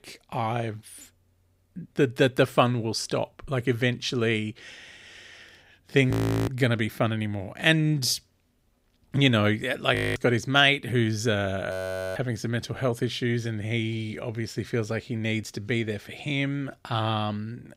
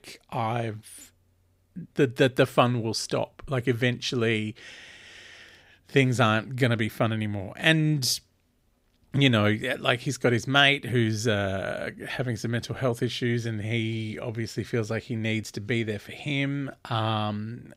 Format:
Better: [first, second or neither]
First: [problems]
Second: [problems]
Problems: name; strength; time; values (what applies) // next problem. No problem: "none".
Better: second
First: audio freezing; at 6 s, at 10 s and at 12 s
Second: none